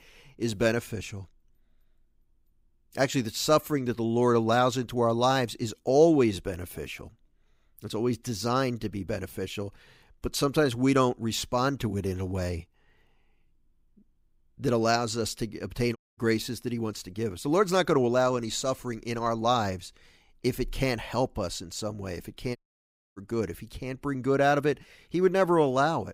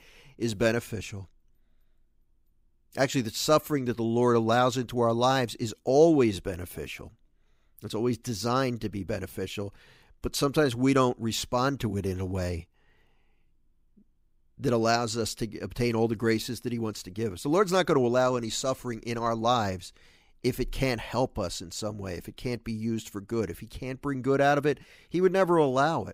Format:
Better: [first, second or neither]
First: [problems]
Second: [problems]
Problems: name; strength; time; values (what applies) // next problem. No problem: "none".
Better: second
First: audio cutting out; at 16 s and at 23 s for 0.5 s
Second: none